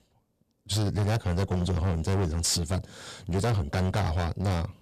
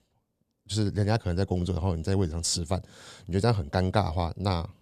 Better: second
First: distortion; heavy; 18% of the sound clipped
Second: none

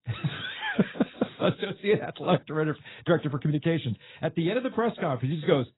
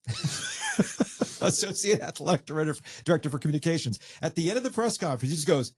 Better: second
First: garbled, watery; badly; nothing above 4 kHz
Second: garbled, watery; slightly; nothing above 11 kHz

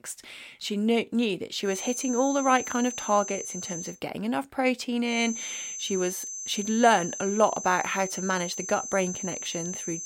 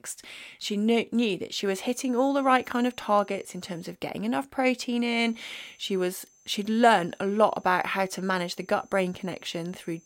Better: second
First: high-pitched whine; loud; from 1.5 to 4 s and from 5 s on; 6 kHz, 7 dB below the speech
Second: high-pitched whine; faint; from 1.5 to 4 s and from 5 s on; 6 kHz, 30 dB below the speech

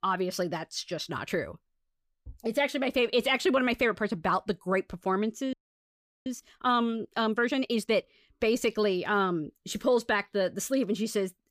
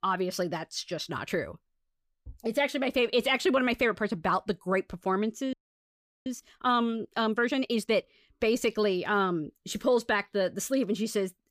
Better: neither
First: audio freezing; at 5.5 s for 0.5 s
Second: audio freezing; at 5.5 s for 0.5 s

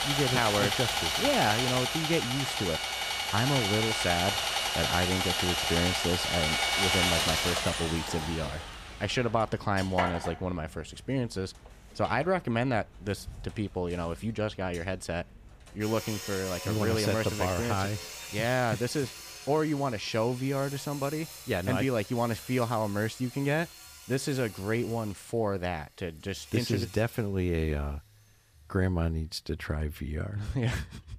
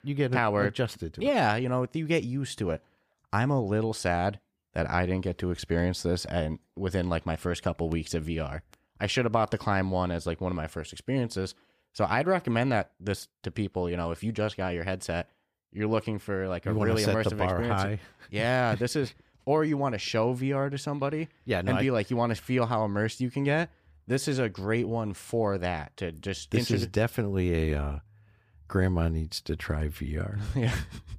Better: second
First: machinery noise; very loud; throughout; 1 dB above the speech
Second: none

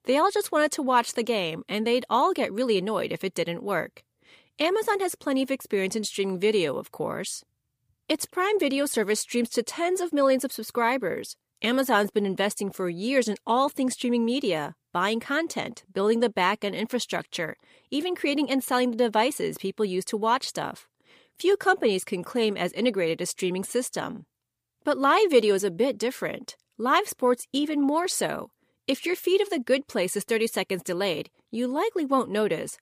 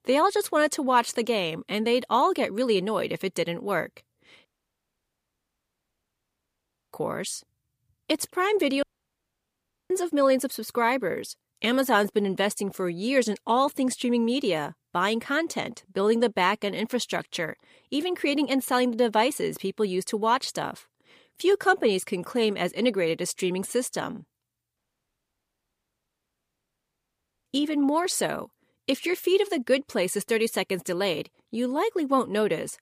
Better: first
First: none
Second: audio cutting out; at 4.5 s for 2.5 s, at 9 s for 1 s and at 25 s for 2.5 s

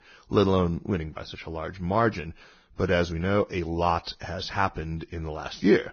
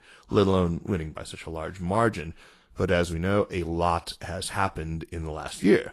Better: second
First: garbled, watery; badly; nothing above 6.5 kHz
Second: garbled, watery; slightly

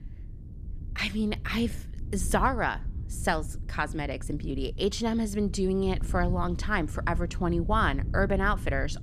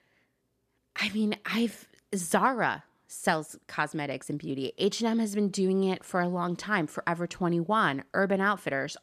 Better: second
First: wind noise on the microphone; occasional gusts; 20 dB below the speech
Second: none

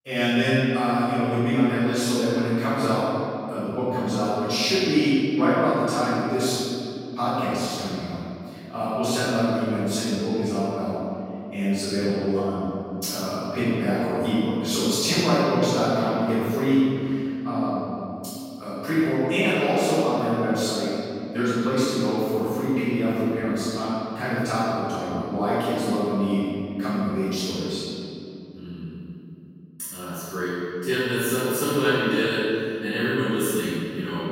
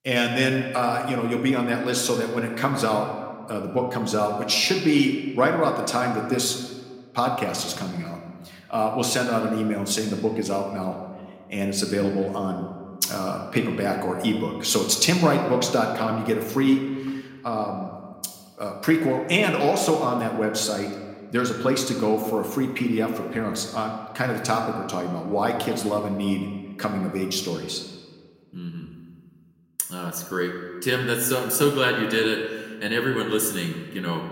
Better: second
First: room echo; strong; dies away in 2.7 s // off-mic speech; far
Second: room echo; slight; dies away in 1.3 s

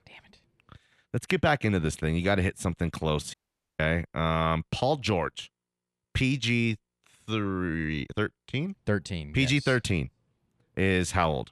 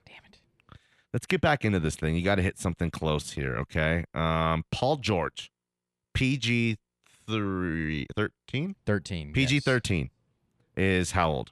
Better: second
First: audio cutting out; at 3.5 s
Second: none

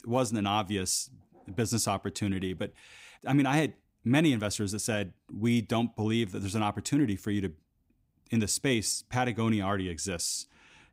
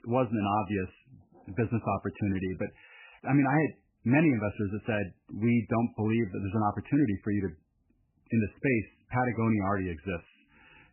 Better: first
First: none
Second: garbled, watery; badly; nothing above 2.5 kHz

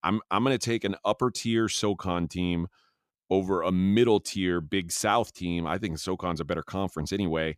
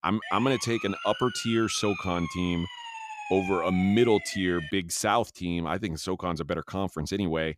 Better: first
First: none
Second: siren; noticeable; until 4.5 s; peak 7 dB below the speech

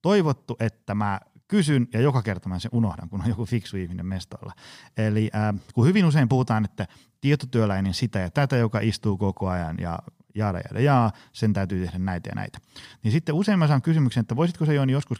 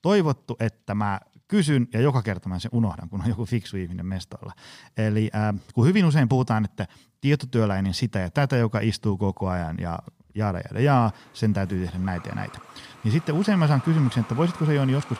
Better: first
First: none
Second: traffic noise; noticeable; throughout; 20 dB below the speech

